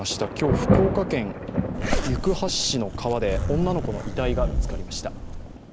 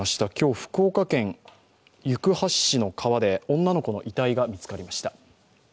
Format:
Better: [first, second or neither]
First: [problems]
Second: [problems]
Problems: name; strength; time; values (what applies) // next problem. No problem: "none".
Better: second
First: background sound (Thunder / Rain + Zipper (clothing)); 1 dB above the speech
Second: none